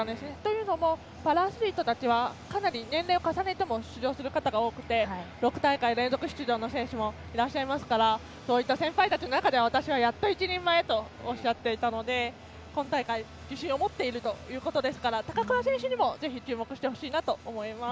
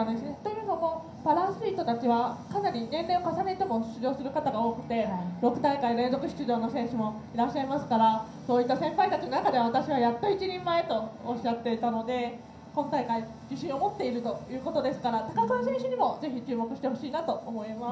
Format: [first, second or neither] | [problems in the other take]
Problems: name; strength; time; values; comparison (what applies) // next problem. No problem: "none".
first | room echo; dies away in 0.6 s